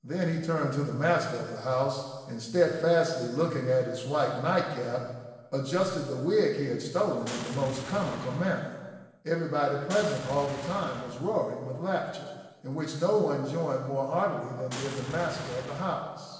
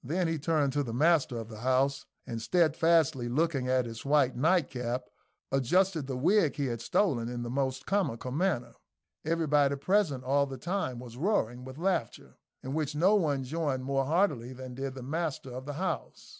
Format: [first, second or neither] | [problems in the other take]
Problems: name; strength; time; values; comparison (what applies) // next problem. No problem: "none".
second | background sound (Boom); 12 dB below the speech // room echo; dies away in 1.2 s